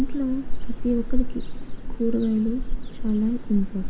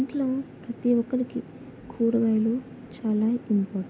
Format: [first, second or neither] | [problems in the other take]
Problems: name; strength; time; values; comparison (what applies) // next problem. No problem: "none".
second | background sound (Ocean); 3 dB above the speech // room echo; dies away in 0.7 s